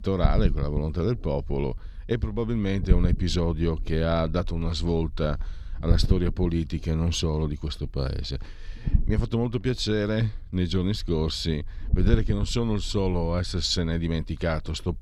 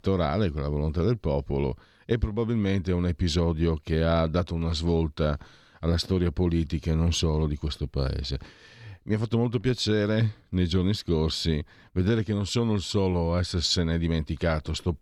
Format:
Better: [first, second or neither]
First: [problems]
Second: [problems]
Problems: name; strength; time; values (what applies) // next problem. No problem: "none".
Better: second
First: low rumble; noticeable; throughout; 15 dB below the speech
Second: none